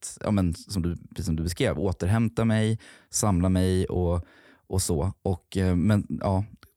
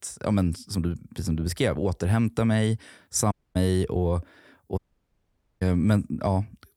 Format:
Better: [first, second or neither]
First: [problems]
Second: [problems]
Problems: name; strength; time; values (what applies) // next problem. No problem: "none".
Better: first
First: none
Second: audio cutting out; at 3.5 s and at 5 s for 1 s